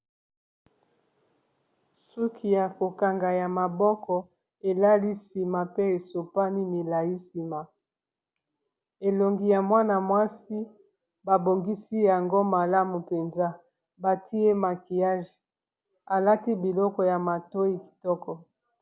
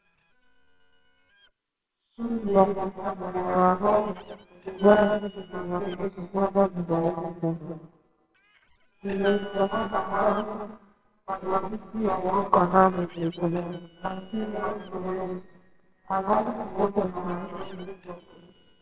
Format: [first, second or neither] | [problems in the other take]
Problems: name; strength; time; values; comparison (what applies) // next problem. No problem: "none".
first | noise reduction (neural separator model SepFormer WHAMR!)